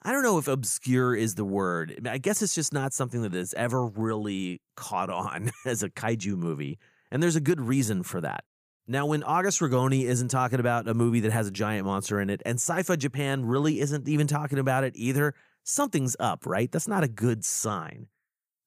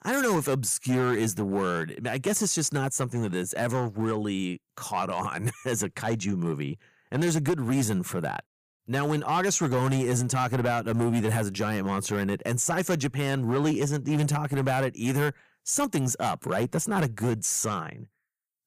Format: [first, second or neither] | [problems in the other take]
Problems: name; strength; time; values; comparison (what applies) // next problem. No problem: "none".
first | distortion; slight; 8% of the sound clipped